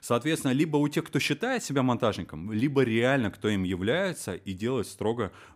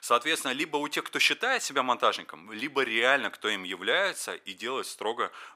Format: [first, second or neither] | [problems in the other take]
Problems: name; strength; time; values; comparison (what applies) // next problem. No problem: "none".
first | thin; very; fading below 550 Hz